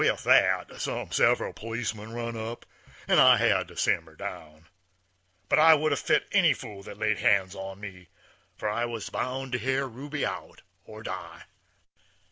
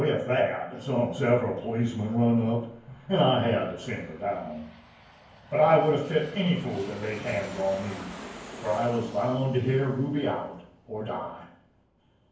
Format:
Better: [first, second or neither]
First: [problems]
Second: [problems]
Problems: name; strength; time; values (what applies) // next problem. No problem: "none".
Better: first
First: none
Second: background sound (Aircraft); 20 dB below the speech // room echo; dies away in 0.9 s